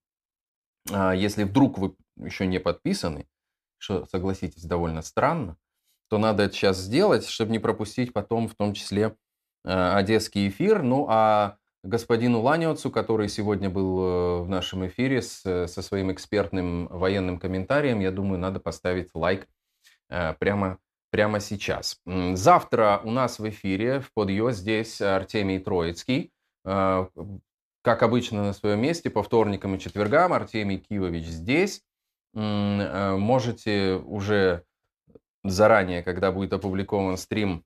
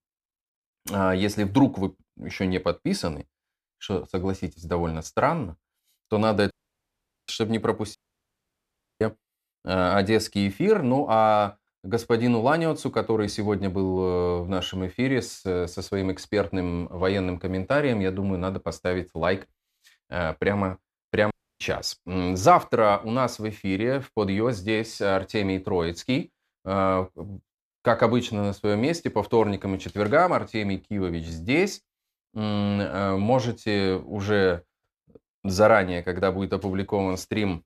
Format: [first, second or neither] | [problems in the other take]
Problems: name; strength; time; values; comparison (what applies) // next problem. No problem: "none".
first | audio cutting out; at 6.5 s for 1 s, at 8 s for 1 s and at 21 s